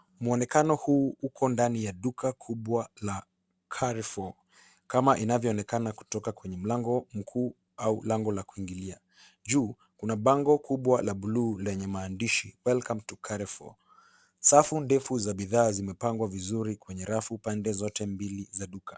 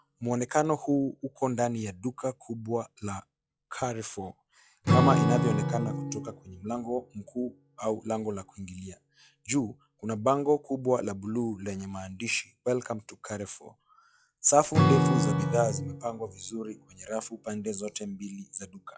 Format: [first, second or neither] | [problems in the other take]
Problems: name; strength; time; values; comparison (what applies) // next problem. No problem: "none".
first | noise reduction (classical method log-MMSE)